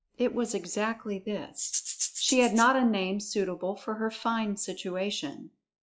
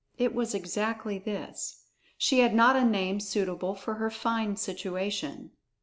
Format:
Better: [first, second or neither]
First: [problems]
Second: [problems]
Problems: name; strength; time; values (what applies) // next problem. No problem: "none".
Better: second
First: noise reduction (classical method log-MMSE)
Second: none